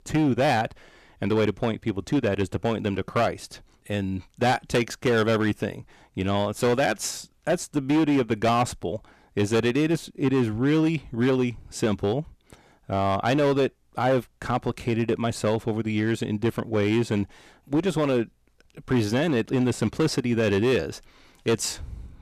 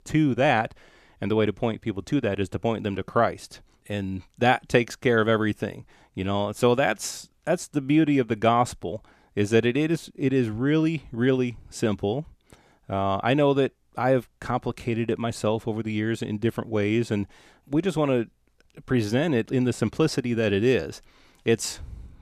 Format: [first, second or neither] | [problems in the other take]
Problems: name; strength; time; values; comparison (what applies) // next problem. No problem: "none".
second | distortion; slight; 9% of the sound clipped